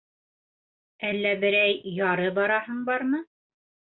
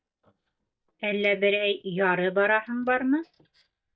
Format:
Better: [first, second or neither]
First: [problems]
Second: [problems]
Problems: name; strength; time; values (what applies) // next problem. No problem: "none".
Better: first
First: none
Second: noise reduction (neural mask model DeepFilterNet 3)